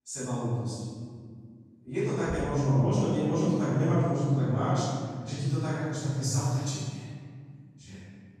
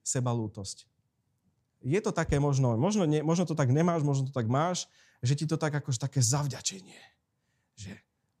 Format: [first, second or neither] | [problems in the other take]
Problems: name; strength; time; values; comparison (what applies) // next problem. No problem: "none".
second | room echo; strong; dies away in 2 s // off-mic speech; far